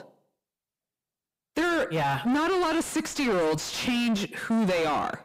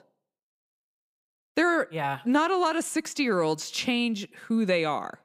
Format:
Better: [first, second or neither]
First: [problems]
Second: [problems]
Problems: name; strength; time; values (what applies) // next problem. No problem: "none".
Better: second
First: distortion; heavy; 6 dB below the speech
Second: none